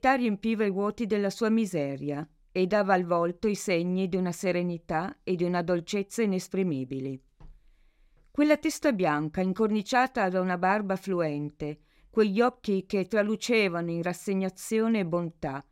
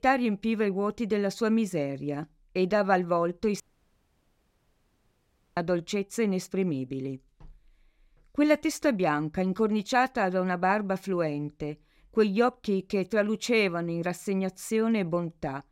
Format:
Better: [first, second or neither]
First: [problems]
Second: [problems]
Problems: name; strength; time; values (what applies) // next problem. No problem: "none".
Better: first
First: none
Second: audio cutting out; at 3.5 s for 2 s